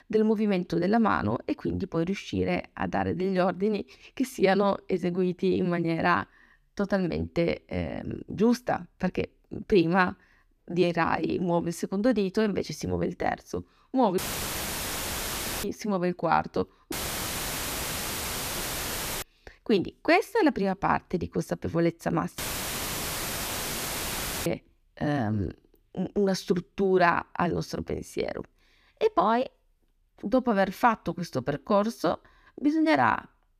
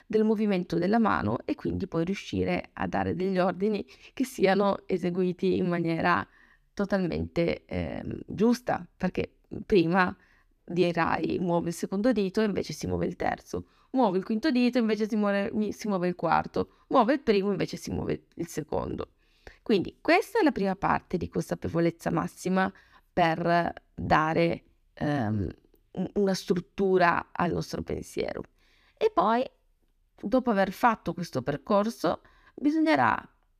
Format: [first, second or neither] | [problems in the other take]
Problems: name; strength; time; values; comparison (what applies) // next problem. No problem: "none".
second | audio cutting out; filled with static; at 14 s for 1.5 s, at 17 s for 2.5 s and at 22 s for 2 s